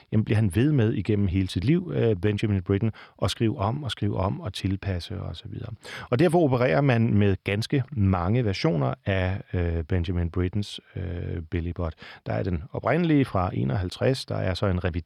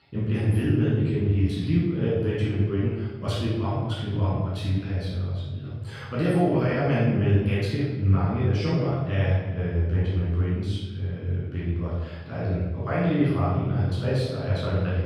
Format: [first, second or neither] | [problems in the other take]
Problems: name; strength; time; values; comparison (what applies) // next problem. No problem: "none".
first | off-mic speech; far // room echo; strong; dies away in 1.2 s